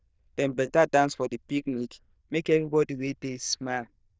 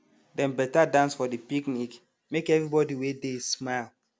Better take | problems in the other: second | noise reduction (neural diffusion model UNIVERSE++)

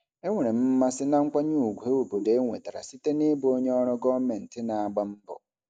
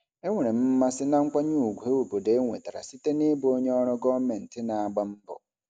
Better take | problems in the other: second | noise reduction (neural mask model Resemble Enhance denoiser)

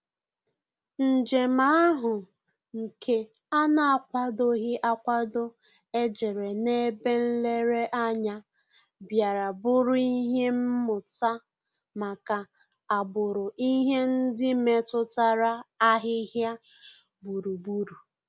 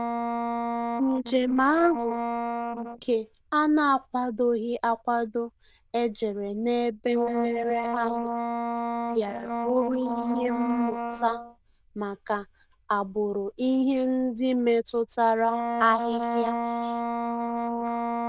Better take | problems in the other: first | noise reduction (neural diffusion model UNIVERSE++)

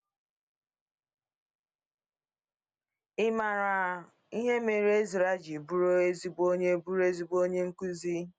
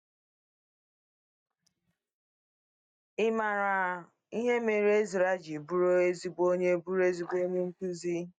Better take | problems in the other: first | noise reduction (neural mask model DeepFilterNet 3)

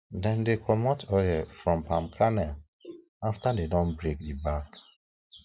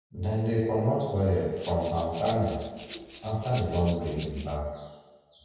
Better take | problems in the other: first | background sound (Rattle (instrument)); 19 dB below the speech // room echo; dies away in 1.2 s

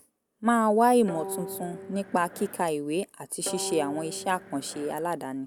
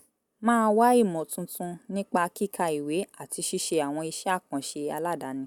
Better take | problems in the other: second | background sound (Guitar); 12 dB below the speech

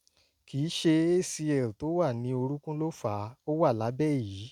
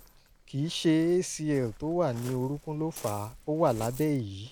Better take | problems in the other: first | background sound (Waves, surf); 20 dB below the speech

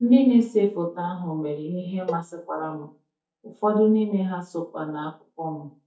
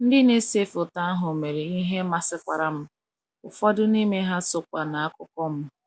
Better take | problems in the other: second | noise reduction (neural mask model DeepFilterNet 3)

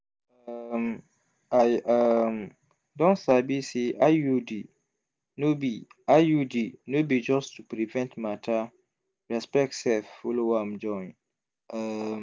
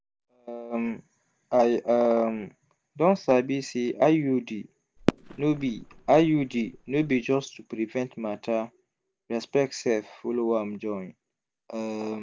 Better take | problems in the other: first | background sound (Fireworks); 8 dB below the speech

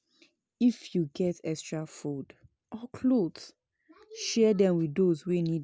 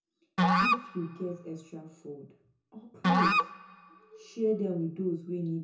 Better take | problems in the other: first | background sound (Musical instrument); 4 dB above the speech // room echo; dies away in 0.6 s

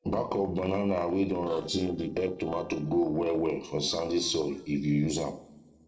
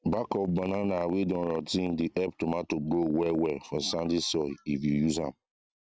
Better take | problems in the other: second | noise reduction (neural separator model SepFormer DNS4)

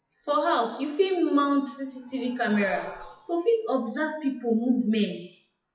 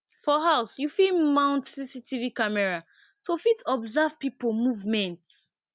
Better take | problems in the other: second | noise reduction (classical method WPE with log-MMSE)

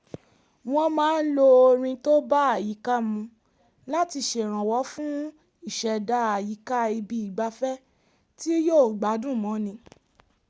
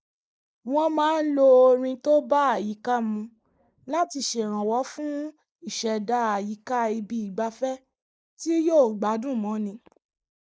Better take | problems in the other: first | noise reduction (neural mask model Resemble Enhance denoiser)

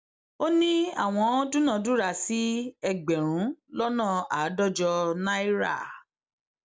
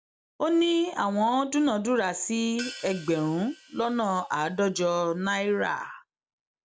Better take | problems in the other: first | background sound (Crash cymbal / Hi-hat); 19 dB below the speech

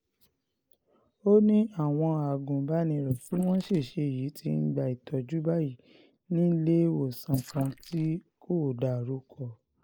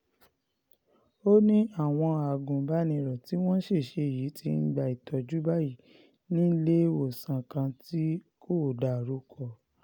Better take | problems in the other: second | noise reduction (neural mask model Resemble Enhance denoiser)

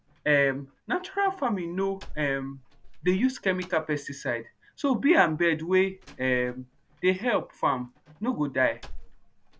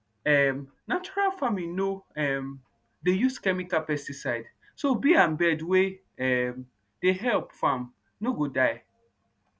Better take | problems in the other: second | background sound (Slam); 16 dB below the speech

